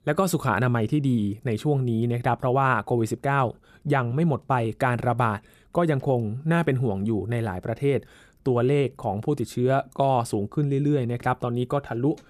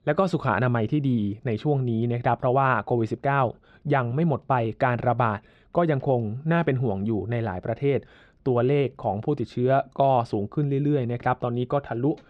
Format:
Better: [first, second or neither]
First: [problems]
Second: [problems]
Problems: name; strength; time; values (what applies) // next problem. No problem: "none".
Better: first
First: none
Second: muffled; slightly; fading above 4 kHz